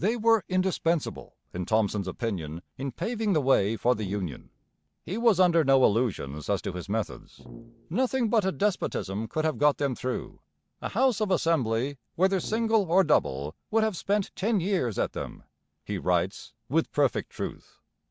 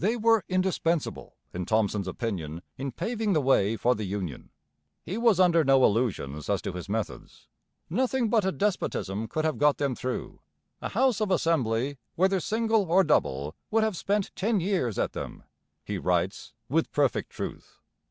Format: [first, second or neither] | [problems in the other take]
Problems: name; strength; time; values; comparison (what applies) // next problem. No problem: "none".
second | background sound (Brass instrument); 19 dB below the speech